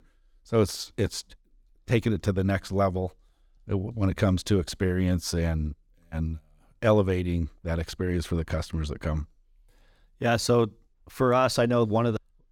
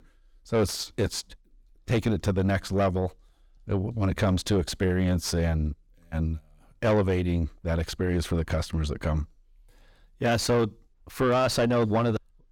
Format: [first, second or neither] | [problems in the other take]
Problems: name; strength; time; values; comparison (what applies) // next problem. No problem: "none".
first | distortion; slight; 9 dB below the speech